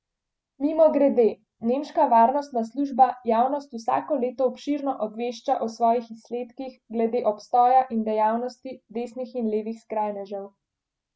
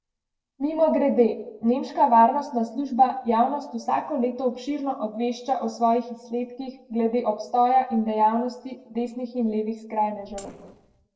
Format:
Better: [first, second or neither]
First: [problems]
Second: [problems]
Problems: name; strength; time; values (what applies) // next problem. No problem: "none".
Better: first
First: none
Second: noise reduction (neural separator model SepFormer DNS4)